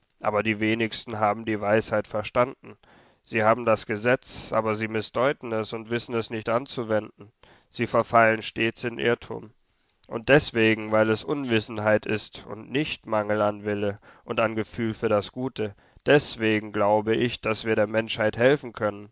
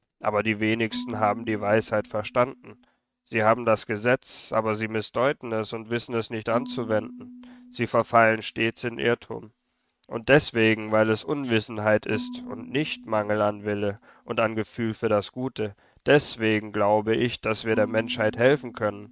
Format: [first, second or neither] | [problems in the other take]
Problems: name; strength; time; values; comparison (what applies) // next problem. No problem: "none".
first | noise reduction (neural mask model RNNoise)